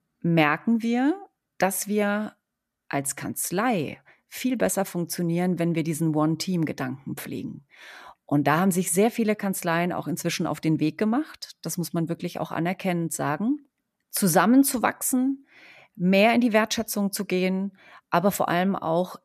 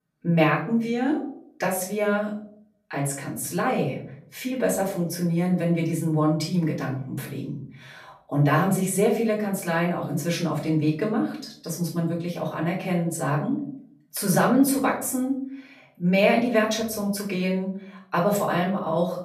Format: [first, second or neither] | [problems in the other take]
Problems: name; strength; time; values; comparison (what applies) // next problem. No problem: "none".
first | room echo; slight; dies away in 0.6 s // off-mic speech; far